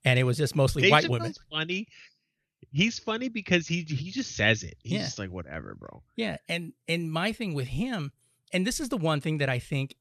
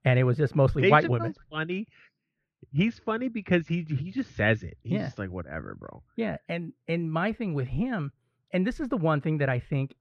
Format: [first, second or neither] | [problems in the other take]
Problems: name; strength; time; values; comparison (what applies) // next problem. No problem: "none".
first | muffled; very; fading above 3.5 kHz